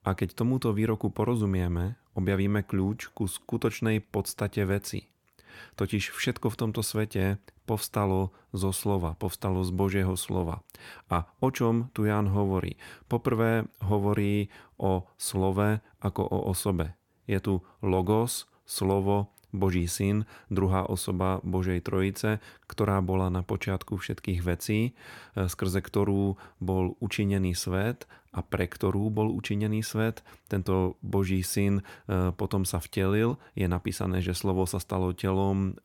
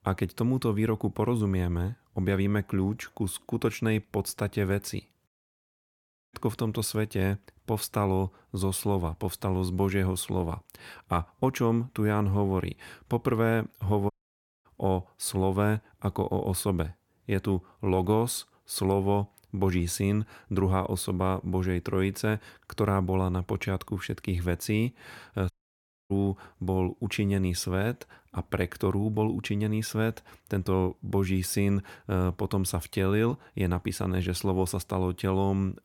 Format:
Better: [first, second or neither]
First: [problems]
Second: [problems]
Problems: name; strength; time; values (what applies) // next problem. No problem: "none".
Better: first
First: none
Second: audio cutting out; at 5.5 s for 1 s, at 14 s for 0.5 s and at 26 s for 0.5 s